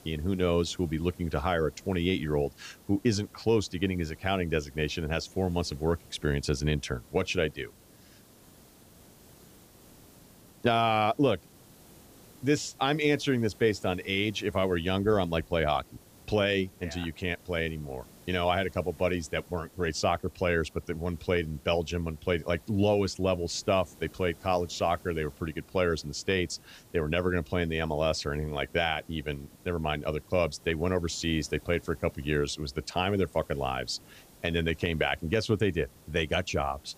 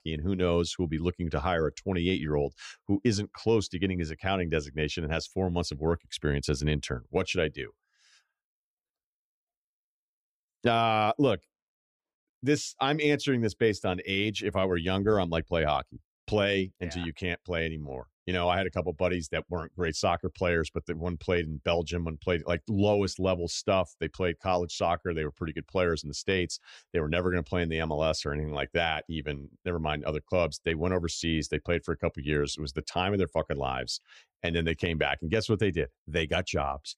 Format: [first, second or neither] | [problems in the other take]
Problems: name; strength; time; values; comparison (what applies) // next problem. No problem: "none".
second | hiss; faint; throughout; 25 dB below the speech